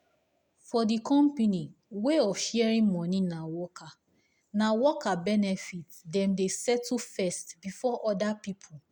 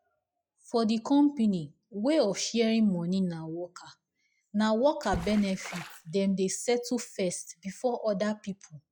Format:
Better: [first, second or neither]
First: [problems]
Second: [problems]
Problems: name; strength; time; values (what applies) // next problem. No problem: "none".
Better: first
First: none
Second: noise reduction (classical method log-MMSE)